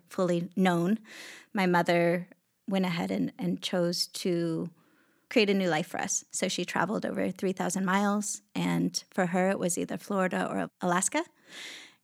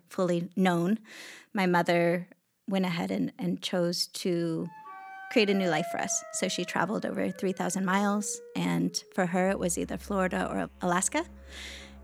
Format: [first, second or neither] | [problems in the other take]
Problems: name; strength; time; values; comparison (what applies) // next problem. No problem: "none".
first | background music; noticeable; from 5 s on; 15 dB below the speech